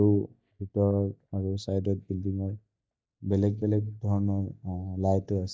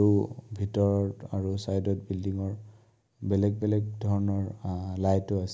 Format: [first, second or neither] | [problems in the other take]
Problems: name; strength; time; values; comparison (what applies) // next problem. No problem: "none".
second | noise reduction (neural mask model DeepFilterNet 3)